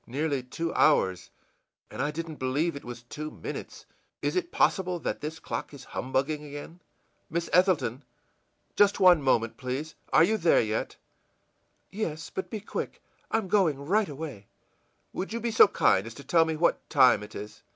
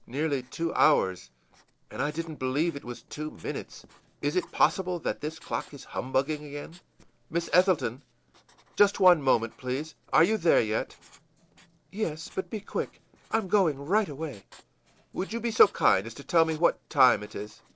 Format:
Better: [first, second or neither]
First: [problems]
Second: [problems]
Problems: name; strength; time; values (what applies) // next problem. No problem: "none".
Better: first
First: none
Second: noise reduction (neural separator model SepFormer DNS4)